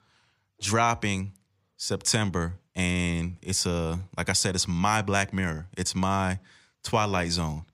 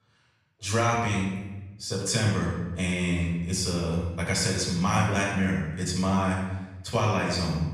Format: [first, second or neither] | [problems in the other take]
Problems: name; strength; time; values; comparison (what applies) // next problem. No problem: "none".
first | off-mic speech; far // room echo; noticeable; dies away in 1.1 s